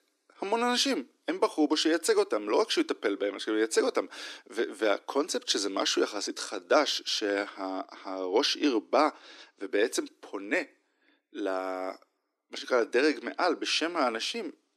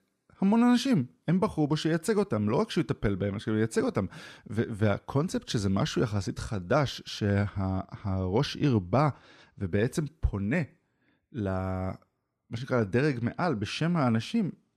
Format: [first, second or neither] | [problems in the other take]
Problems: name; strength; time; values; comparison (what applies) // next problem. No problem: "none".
second | thin; somewhat; fading below 300 Hz